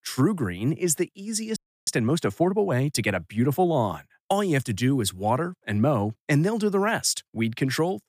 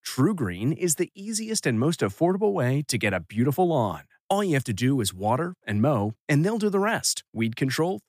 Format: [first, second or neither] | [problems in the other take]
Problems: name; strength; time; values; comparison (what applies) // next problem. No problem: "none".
second | audio freezing; at 1.5 s